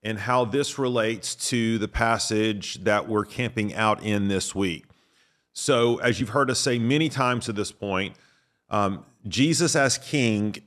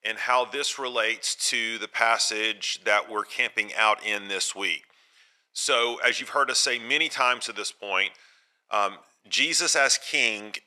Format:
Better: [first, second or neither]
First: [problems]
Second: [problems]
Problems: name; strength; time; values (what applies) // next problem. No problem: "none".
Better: first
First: none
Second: thin; very; fading below 750 Hz